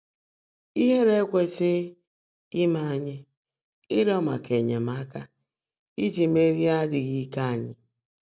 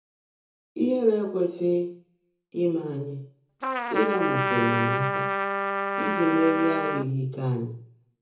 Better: first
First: none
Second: background sound (Trumpet); as loud as the speech // room echo; dies away in 0.6 s

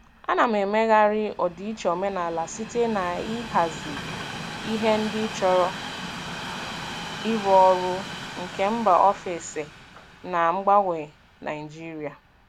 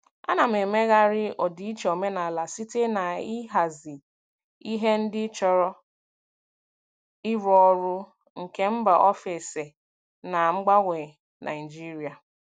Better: second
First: background sound (Train); 12 dB below the speech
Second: none

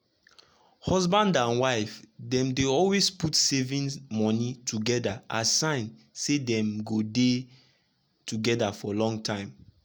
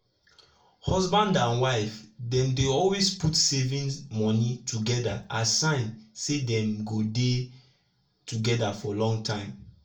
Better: first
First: none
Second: room echo; dies away in 0.3 s

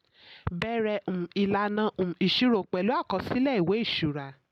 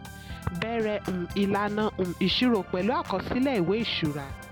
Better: first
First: none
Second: background sound (Organ); 13 dB below the speech

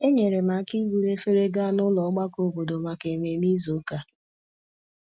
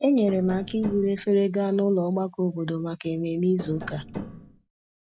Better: first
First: none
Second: background sound (Tap); 12 dB below the speech

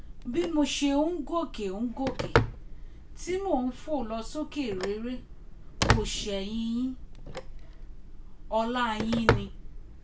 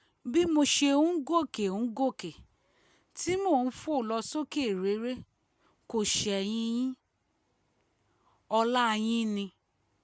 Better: second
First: background sound (Telephone); 1 dB below the speech // room echo; dies away in 0.2 s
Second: none

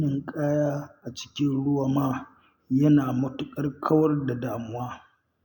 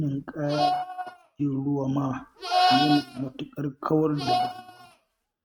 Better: first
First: none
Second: noise reduction (neural mask model RNNoise)

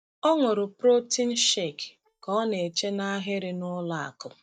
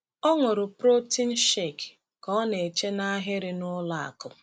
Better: second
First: noise reduction (neural mask model DeepFilterNet 3)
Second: none

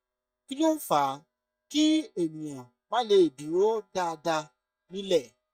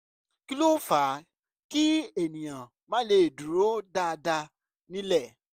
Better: second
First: noise reduction (neural mask model DeepFilterNet 3)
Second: none

